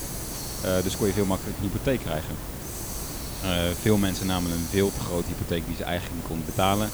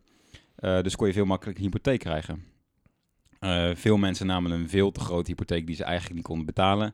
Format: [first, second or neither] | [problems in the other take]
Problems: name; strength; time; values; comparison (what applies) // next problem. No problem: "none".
second | hiss; loud; throughout; 6 dB below the speech